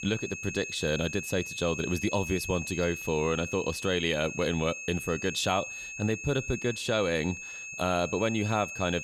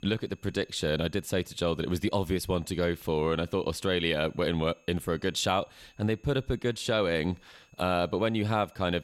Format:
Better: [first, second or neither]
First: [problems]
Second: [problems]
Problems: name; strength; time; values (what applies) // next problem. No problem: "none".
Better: second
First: high-pitched whine; loud; throughout; 2.5 kHz, 7 dB below the speech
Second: high-pitched whine; faint; throughout; 2.5 kHz, 35 dB below the speech